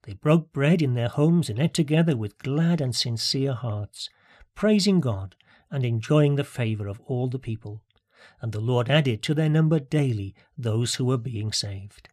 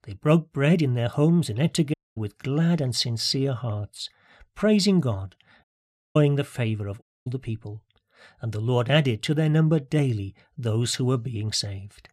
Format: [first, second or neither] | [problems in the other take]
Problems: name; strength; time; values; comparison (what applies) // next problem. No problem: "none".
first | audio cutting out; at 2 s, at 5.5 s for 0.5 s and at 7 s